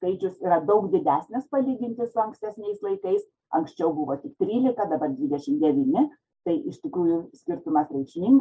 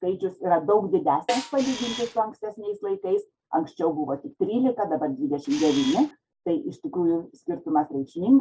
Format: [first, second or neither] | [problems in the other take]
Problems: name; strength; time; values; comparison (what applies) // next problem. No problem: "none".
first | background sound (Camera + Snare drum); 9 dB below the speech